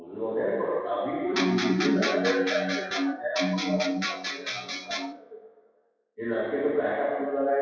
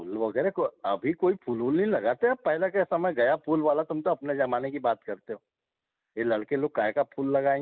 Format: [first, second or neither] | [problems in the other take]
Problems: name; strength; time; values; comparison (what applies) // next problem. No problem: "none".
second | noise reduction (classical method WPE with log-MMSE)